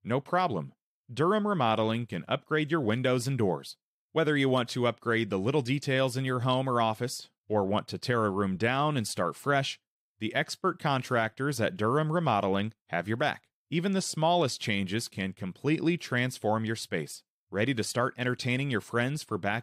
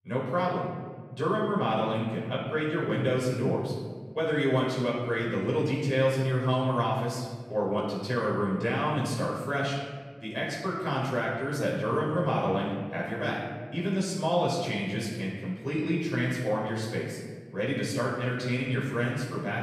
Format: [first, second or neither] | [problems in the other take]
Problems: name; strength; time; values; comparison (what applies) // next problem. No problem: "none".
first | off-mic speech; far // room echo; noticeable; dies away in 1.5 s